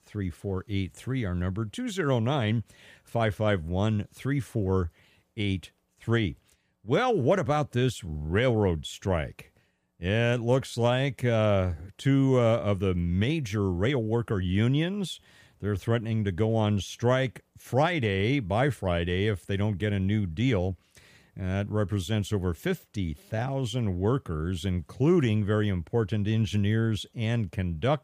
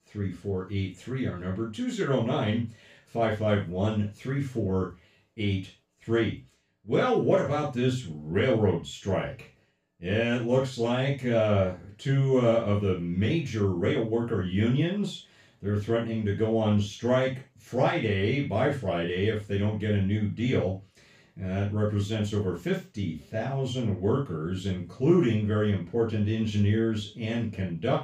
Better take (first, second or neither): first